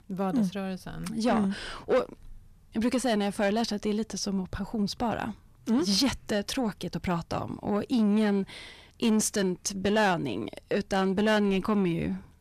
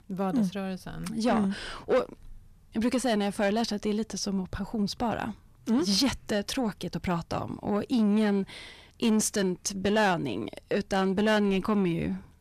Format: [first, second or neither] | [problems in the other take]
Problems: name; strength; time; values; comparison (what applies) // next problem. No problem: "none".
neither | distortion; slight; 10 dB below the speech; the same in both